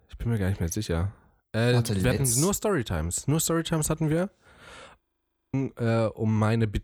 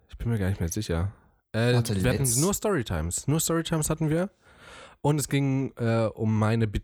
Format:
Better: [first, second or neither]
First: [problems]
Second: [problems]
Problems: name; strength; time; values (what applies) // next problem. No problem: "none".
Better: second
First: audio freezing; at 5 s for 0.5 s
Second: none